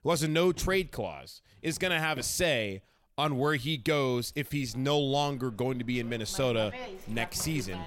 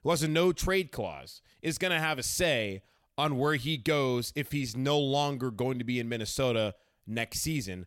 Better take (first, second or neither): second